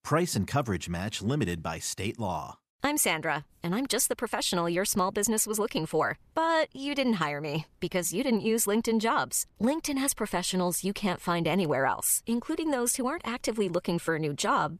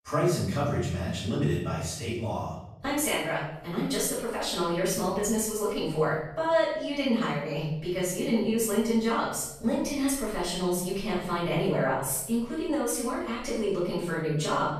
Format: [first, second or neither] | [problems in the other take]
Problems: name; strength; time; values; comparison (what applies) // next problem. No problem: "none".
first | off-mic speech; far // room echo; noticeable; dies away in 0.8 s